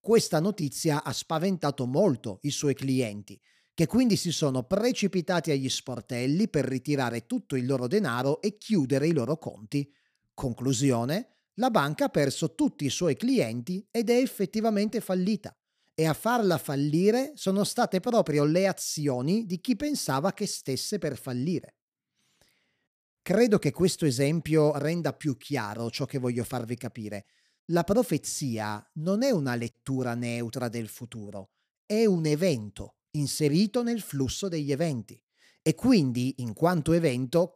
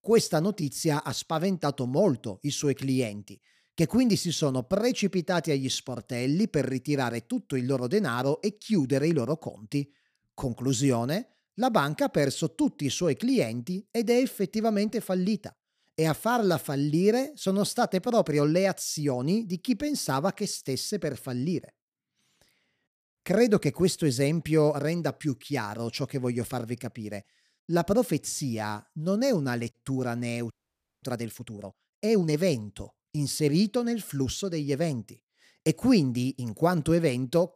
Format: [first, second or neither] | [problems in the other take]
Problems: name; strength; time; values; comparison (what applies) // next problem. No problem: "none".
first | audio freezing; at 31 s for 0.5 s